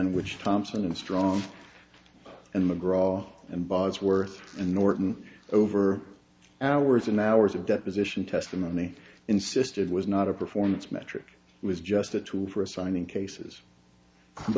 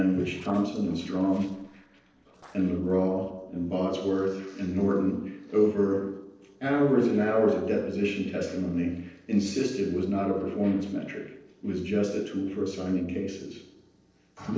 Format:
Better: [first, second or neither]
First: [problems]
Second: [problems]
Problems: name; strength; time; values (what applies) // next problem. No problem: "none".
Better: first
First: none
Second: noise reduction (neural separator model SepFormer DNS4)